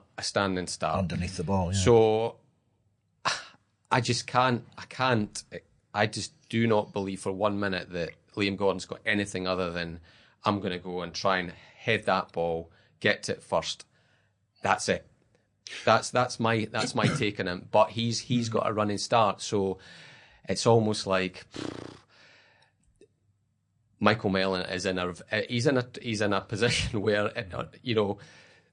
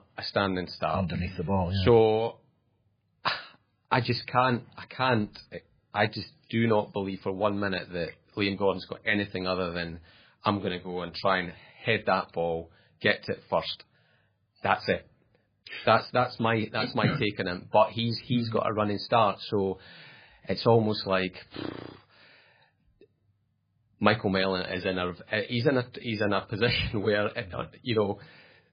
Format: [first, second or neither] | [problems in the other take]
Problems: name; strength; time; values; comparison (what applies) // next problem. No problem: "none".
first | garbled, watery; badly; nothing above 4 kHz; slightly in the first